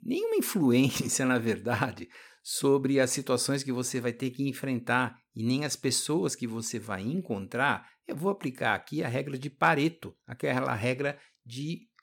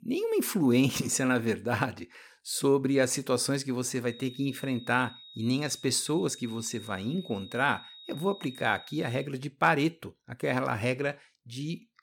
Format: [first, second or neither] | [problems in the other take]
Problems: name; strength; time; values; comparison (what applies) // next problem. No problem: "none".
first | high-pitched whine; noticeable; from 4 to 9.5 s; 4 kHz, 20 dB below the speech